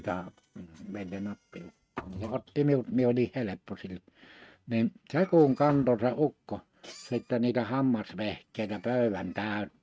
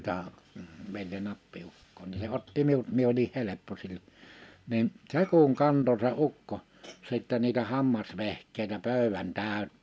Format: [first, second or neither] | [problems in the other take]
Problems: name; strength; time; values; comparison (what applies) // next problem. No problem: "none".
second | noise reduction (neural mask model RNNoise)